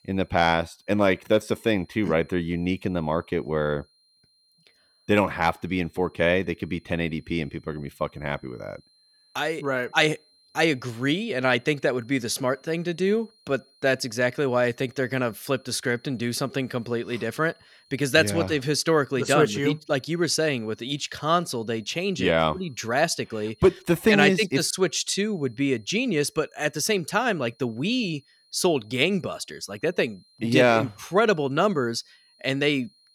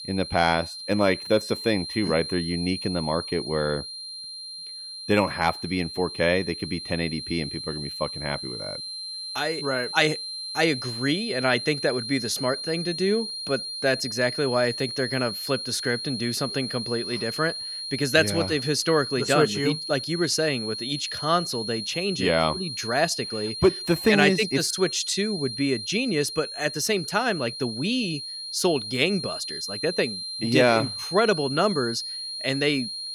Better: first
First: high-pitched whine; faint; throughout; 4 kHz, 35 dB below the speech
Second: high-pitched whine; loud; throughout; 4 kHz, 6 dB below the speech

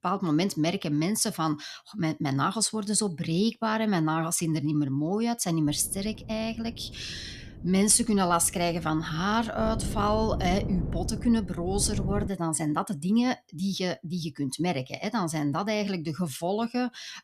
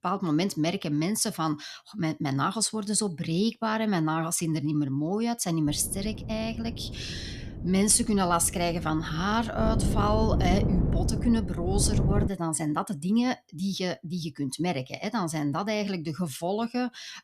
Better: first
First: wind noise on the microphone; occasional gusts; from 5.5 to 12 s; 15 dB below the speech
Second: wind noise on the microphone; heavy; from 5.5 to 12 s; 10 dB below the speech

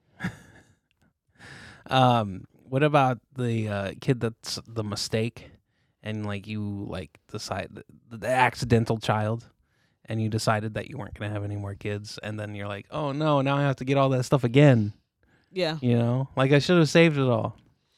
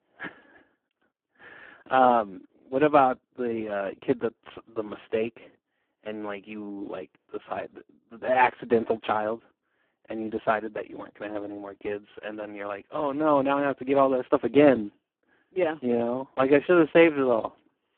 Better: first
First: none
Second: phone-call audio; poor line

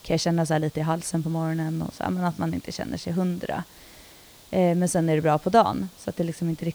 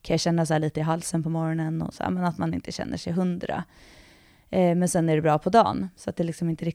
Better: second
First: hiss; faint; throughout; 25 dB below the speech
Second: none

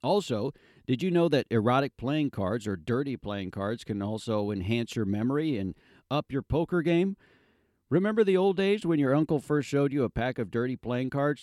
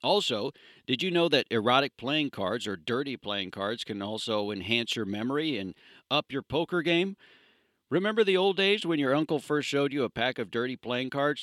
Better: first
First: none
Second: thin; very slightly; fading below 700 Hz

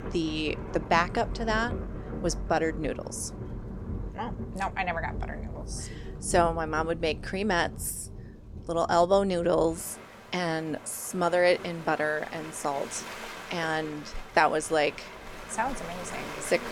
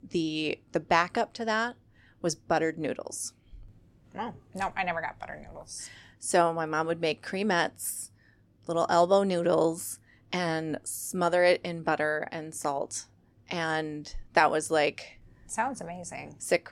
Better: second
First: rain or running water; noticeable; throughout; 10 dB below the speech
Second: none

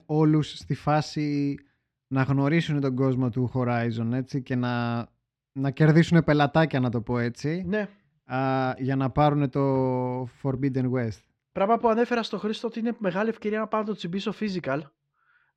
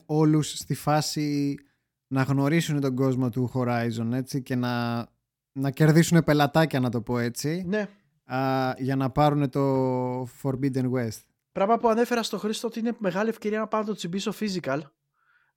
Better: second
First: muffled; very slightly; fading above 3 kHz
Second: none

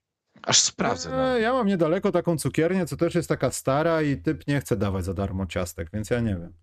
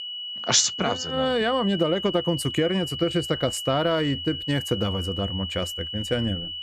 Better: first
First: none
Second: high-pitched whine; loud; throughout; 3 kHz, 6 dB below the speech

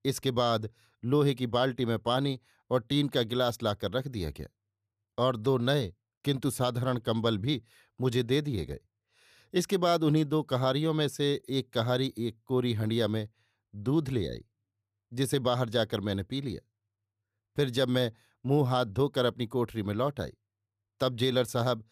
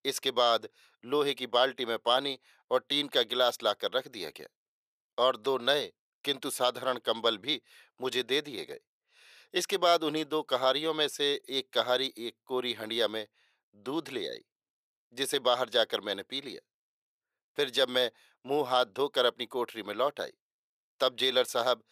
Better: first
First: none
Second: thin; very; fading below 550 Hz

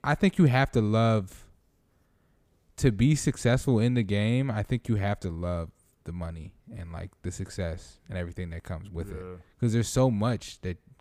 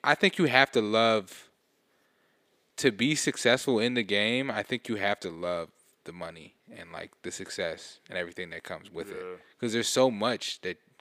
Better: first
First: none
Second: thin; somewhat; fading below 350 Hz

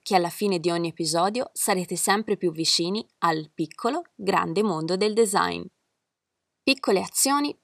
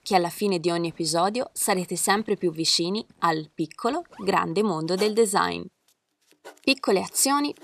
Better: first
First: none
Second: household noises; faint; throughout; 25 dB below the speech

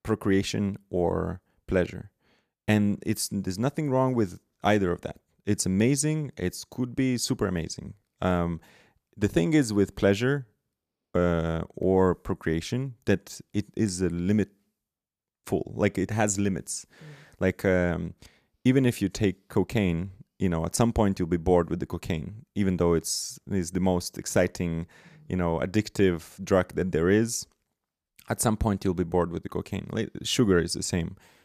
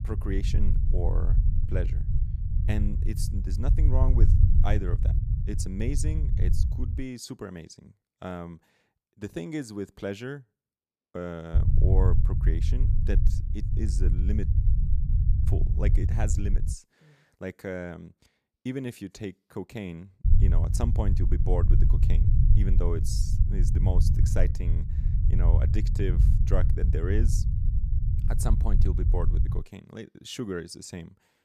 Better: first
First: none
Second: low rumble; loud; until 7 s, from 12 to 17 s and from 20 to 30 s; 4 dB below the speech

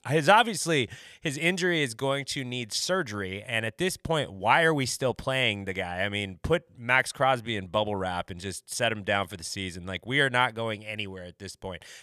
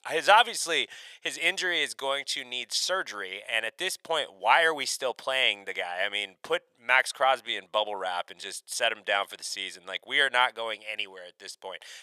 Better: first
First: none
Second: thin; very; fading below 650 Hz

